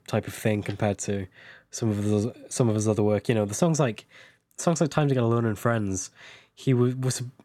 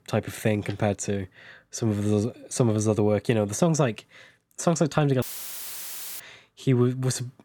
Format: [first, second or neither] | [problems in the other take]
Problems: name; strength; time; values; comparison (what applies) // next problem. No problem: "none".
first | audio cutting out; filled with static; at 5 s for 1 s